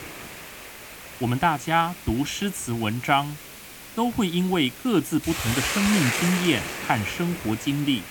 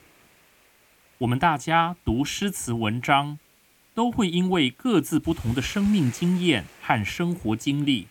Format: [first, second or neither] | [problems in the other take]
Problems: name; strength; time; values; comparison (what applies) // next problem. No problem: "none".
second | hiss; loud; throughout; 7 dB below the speech; faint in the second